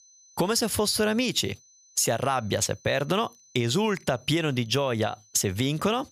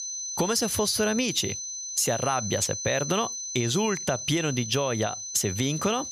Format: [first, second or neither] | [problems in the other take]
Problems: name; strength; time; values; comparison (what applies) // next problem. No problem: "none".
first | high-pitched whine; loud; throughout; 6 kHz, 5 dB below the speech; faint in the first